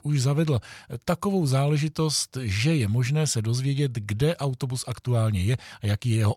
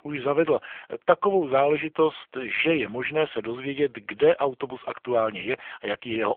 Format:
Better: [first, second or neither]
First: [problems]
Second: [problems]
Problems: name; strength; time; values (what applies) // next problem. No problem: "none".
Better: first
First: none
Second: phone-call audio; poor line